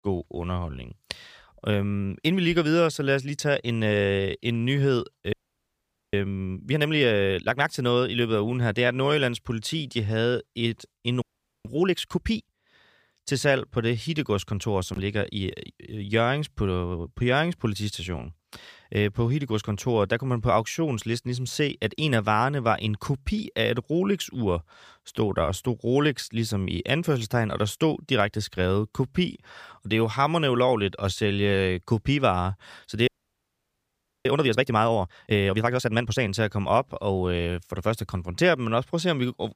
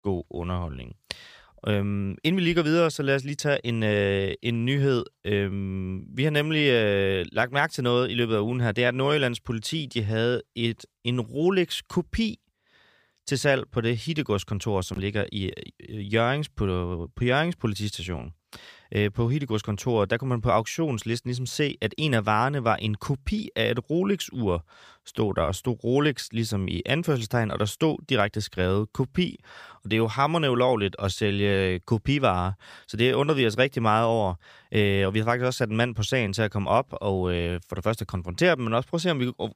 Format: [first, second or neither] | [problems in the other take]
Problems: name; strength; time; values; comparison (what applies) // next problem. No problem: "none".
second | audio freezing; at 5.5 s for 1 s, at 11 s and at 33 s for 1 s